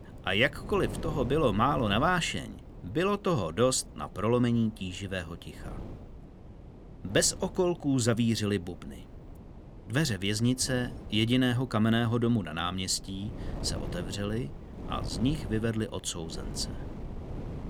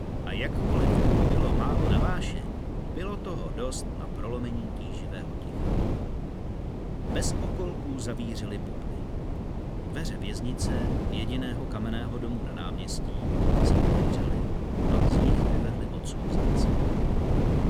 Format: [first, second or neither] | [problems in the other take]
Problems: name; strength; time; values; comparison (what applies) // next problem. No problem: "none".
first | wind noise on the microphone; heavy; 4 dB above the speech; occasional gusts in the first